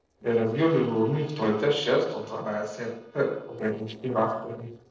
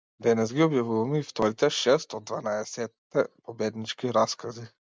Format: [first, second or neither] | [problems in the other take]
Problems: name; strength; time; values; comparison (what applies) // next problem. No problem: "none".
second | noise reduction (neural separator model SepFormer DNS4)